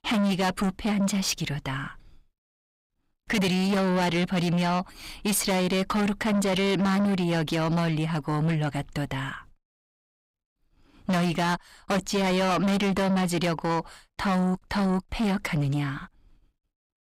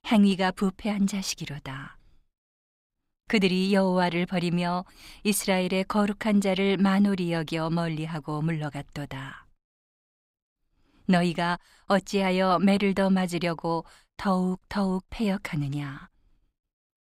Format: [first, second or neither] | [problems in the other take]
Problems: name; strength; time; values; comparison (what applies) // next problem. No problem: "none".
second | distortion; heavy; 7 dB below the speech